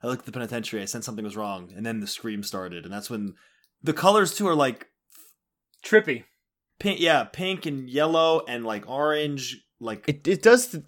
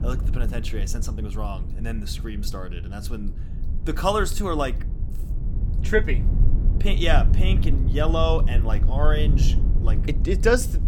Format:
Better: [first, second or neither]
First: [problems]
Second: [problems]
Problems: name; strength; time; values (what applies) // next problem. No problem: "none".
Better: first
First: none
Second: low rumble; noticeable; throughout; 15 dB below the speech